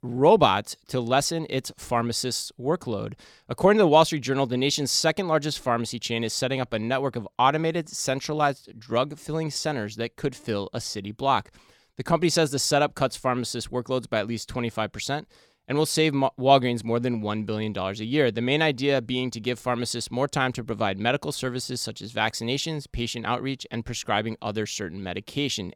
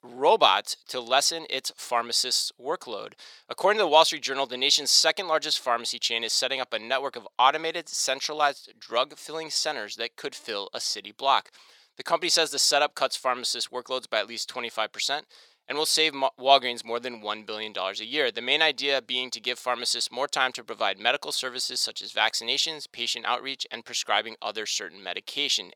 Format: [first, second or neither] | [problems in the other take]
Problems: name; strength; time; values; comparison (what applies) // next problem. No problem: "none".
first | thin; very; fading below 600 Hz